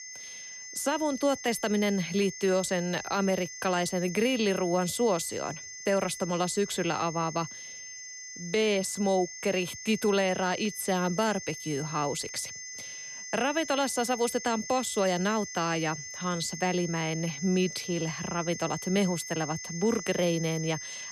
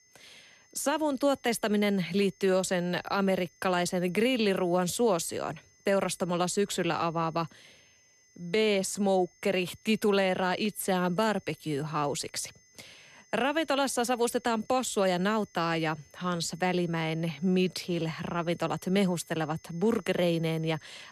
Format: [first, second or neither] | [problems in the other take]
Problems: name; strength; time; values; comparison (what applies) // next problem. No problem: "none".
second | high-pitched whine; loud; throughout; 6.5 kHz, 9 dB below the speech; faint in the second